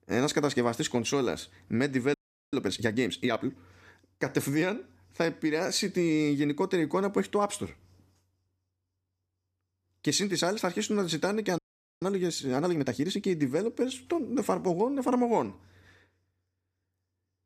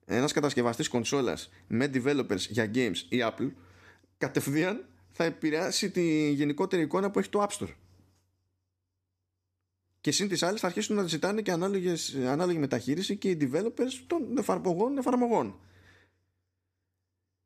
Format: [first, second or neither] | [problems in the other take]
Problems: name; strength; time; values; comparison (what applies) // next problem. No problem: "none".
second | audio freezing; at 2 s and at 12 s